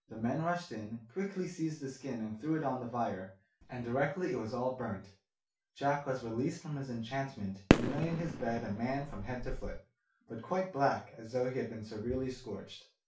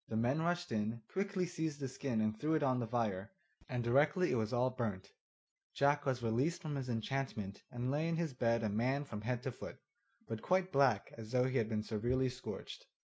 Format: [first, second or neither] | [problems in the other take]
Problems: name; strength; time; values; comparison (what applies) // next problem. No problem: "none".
second | background sound (Fireworks); 4 dB above the speech // room echo; dies away in 0.3 s